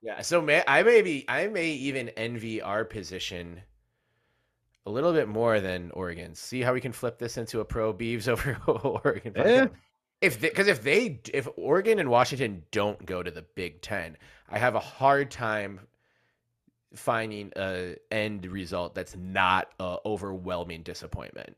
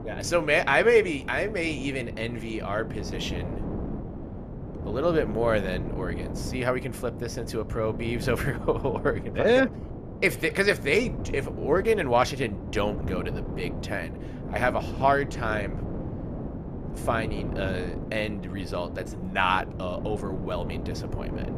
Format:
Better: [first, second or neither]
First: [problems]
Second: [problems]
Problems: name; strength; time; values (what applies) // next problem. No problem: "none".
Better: first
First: none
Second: wind noise on the microphone; occasional gusts; 15 dB below the speech